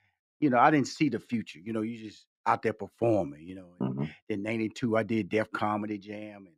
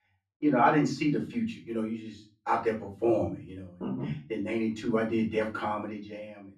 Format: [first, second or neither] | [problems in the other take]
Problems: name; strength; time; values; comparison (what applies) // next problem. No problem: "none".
first | room echo; slight; dies away in 0.3 s // off-mic speech; far